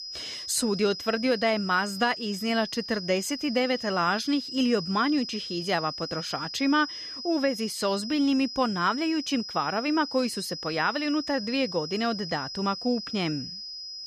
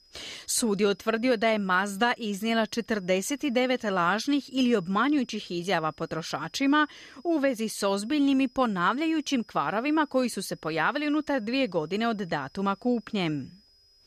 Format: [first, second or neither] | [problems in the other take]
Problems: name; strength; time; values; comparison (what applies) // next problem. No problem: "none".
second | high-pitched whine; loud; throughout; 5 kHz, 8 dB below the speech; faint in the second